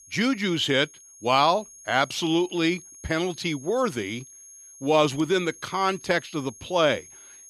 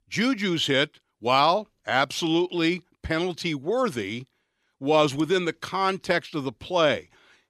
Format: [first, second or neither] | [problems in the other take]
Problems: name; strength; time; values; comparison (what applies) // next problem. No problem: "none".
second | high-pitched whine; faint; throughout; 6.5 kHz, 20 dB below the speech